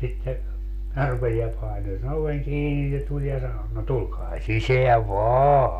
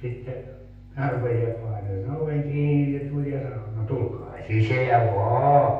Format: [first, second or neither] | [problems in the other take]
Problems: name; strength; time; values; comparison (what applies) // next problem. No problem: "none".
first | room echo; dies away in 0.8 s